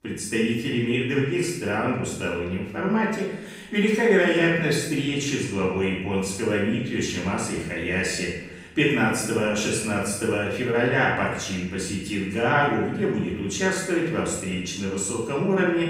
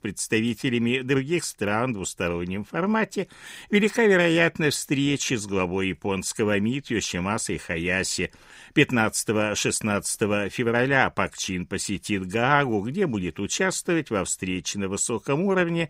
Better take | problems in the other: second | off-mic speech; far // room echo; noticeable; dies away in 0.9 s

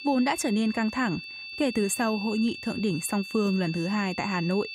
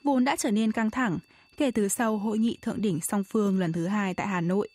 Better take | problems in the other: second | high-pitched whine; loud; throughout; 2.5 kHz, 9 dB below the speech; faint in the second

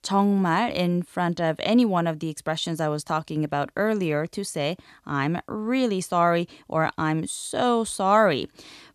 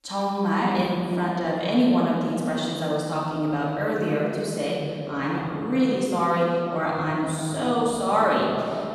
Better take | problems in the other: first | off-mic speech; far // room echo; strong; dies away in 2.5 s

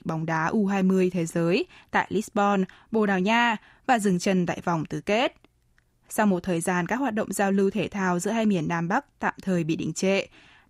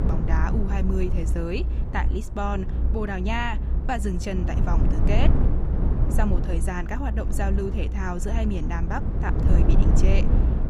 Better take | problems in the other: first | low rumble; loud; throughout; 5 dB below the speech

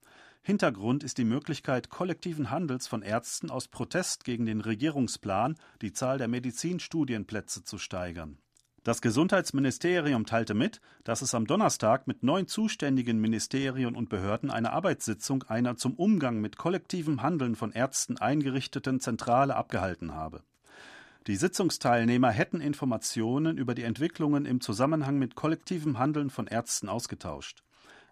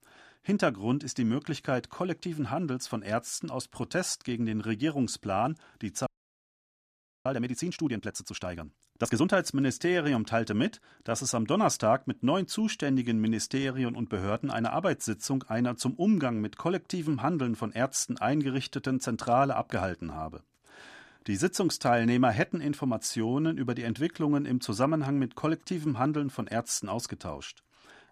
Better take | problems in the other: first | audio freezing; at 6 s for 1 s

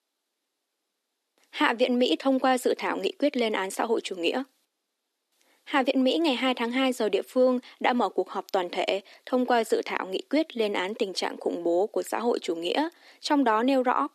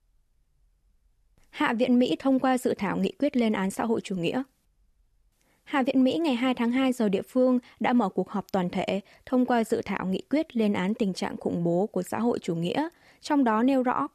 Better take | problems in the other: second | thin; very slightly; fading below 300 Hz

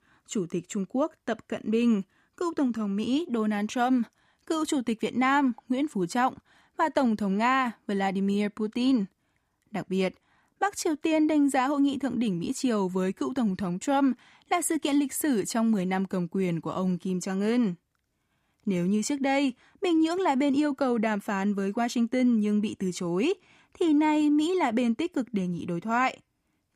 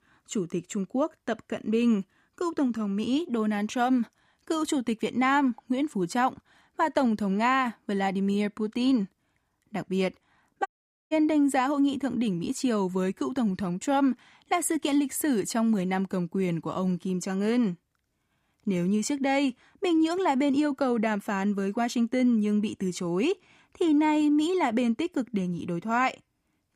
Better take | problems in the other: first | audio cutting out; at 11 s

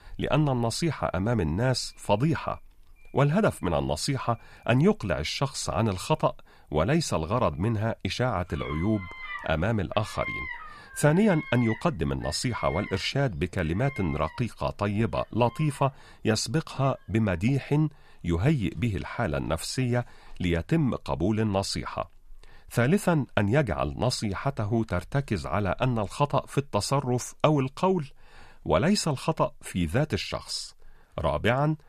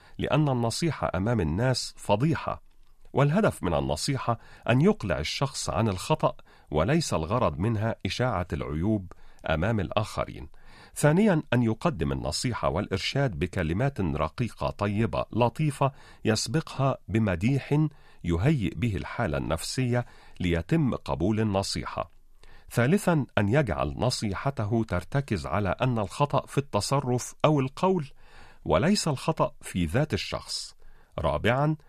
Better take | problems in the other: second | animal sounds; noticeable; throughout; 15 dB below the speech

